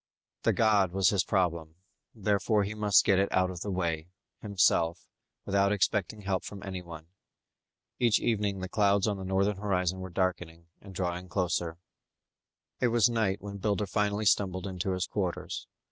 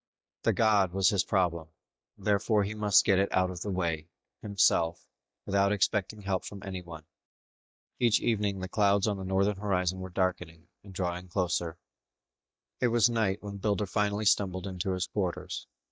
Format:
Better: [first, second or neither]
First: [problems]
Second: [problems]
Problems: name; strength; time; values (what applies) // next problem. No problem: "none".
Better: first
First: none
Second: noise reduction (neural mask model DeepFilterNet 3)